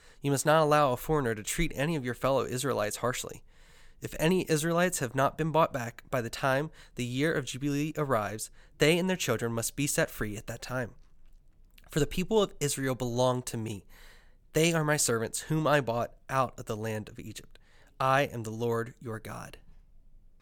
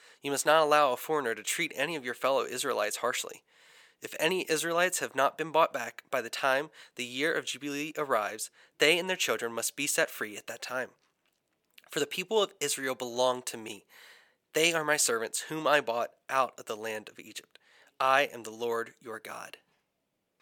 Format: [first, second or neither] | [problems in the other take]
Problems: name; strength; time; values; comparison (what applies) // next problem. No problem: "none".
first | thin; somewhat; fading below 400 Hz